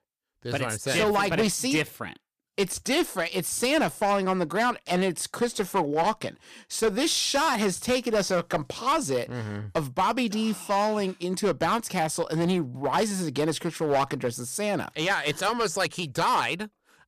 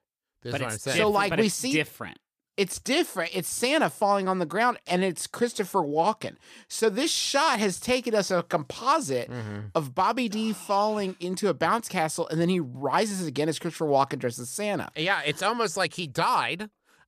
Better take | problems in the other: second | distortion; slight; 6% of the sound clipped

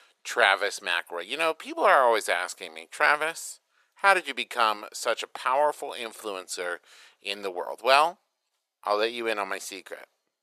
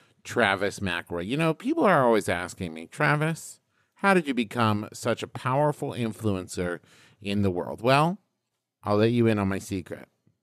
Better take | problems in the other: second | thin; very; fading below 550 Hz

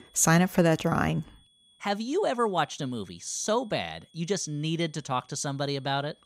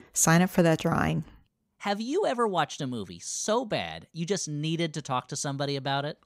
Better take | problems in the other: second | high-pitched whine; faint; throughout; 3.5 kHz, 30 dB below the speech

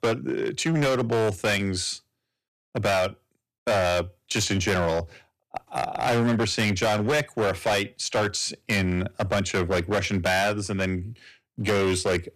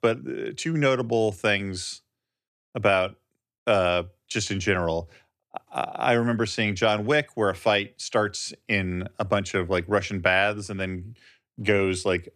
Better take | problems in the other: second | distortion; heavy; 14% of the sound clipped

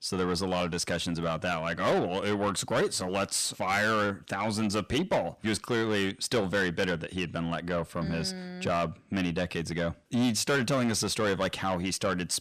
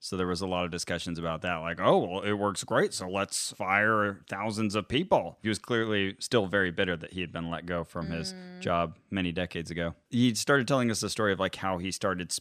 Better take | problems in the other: second | distortion; heavy; 8 dB below the speech

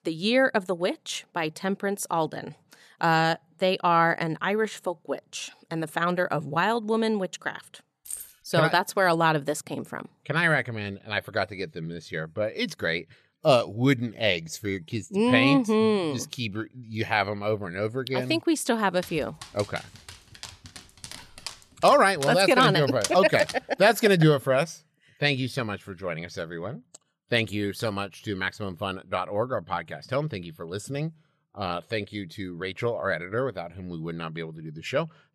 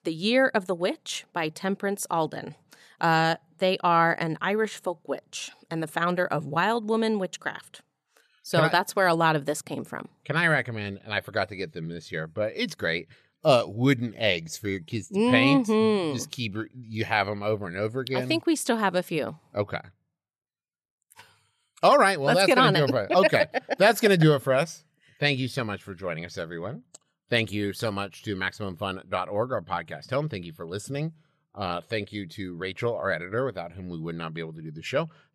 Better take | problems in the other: second | jangling keys; faint; at 8 s; peak 10 dB below the speech // dog barking; noticeable; from 19 to 24 s; peak 6 dB below the speech

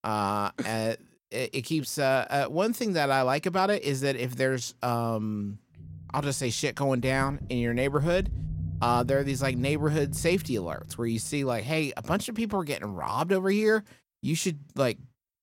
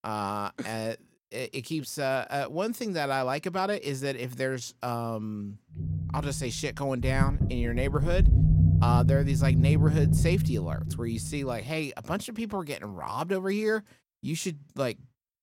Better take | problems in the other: first | low rumble; loud; from 6 to 12 s; 5 dB below the speech; faint in the first

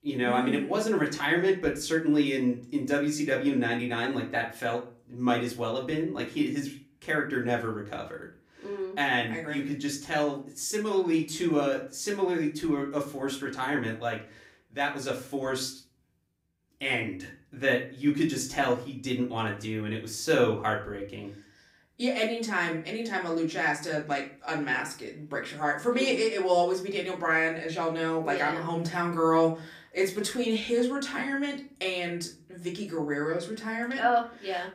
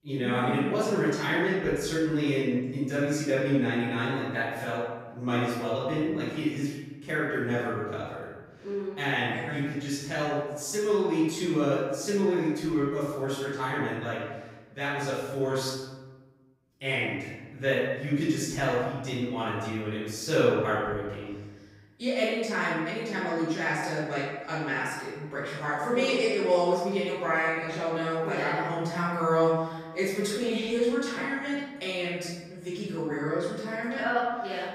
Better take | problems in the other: first | room echo; strong; dies away in 1.1 s; slight in the first // off-mic speech; far; far in the first

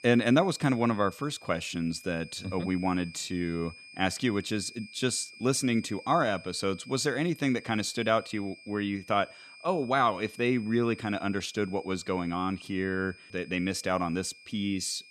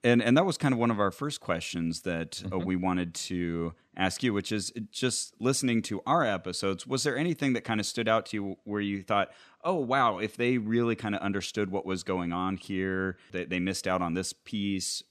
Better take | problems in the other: second | high-pitched whine; noticeable; throughout; 2.5 kHz, 20 dB below the speech

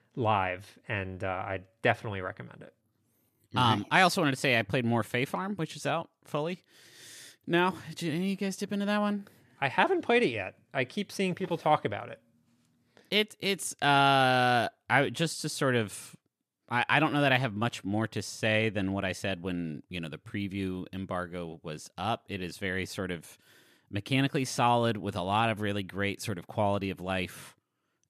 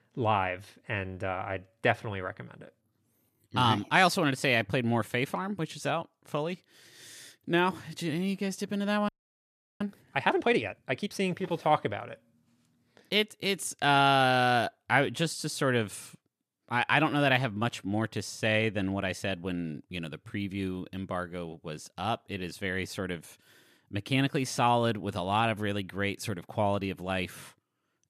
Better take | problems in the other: first | audio freezing; at 9 s for 0.5 s

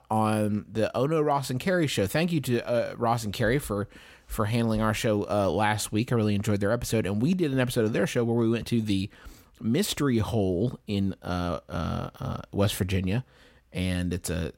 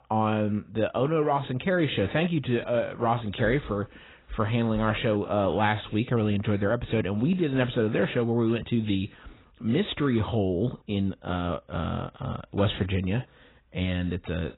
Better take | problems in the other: first | garbled, watery; badly; nothing above 4 kHz

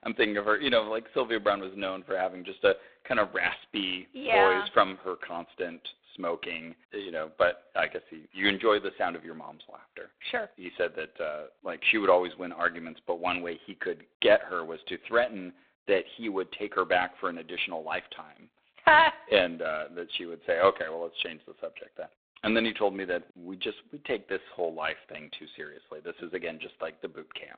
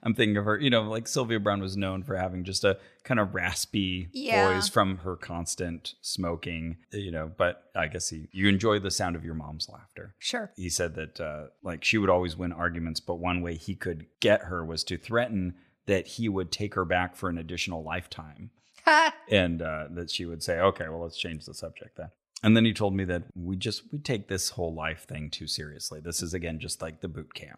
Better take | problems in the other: second | phone-call audio; poor line; nothing above 3.5 kHz

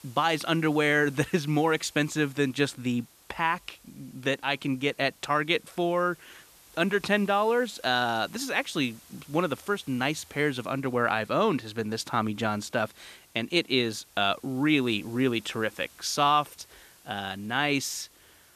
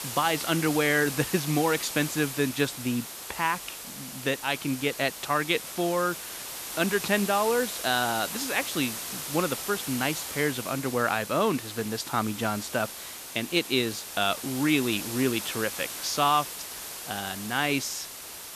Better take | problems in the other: first | hiss; loud; throughout; 7 dB below the speech; faint in the first

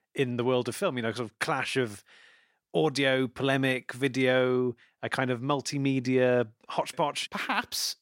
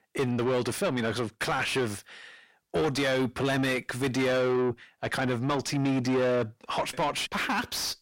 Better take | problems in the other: first | distortion; heavy; 7 dB below the speech

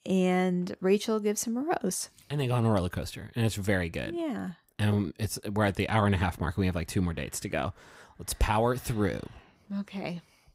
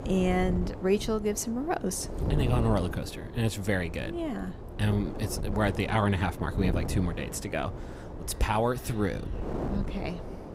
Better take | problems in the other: first | wind noise on the microphone; heavy; 10 dB below the speech

